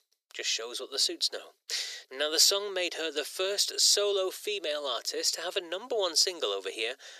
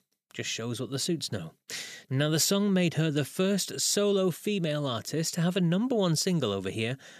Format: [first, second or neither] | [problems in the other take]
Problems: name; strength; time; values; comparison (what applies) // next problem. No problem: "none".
second | thin; very; fading below 400 Hz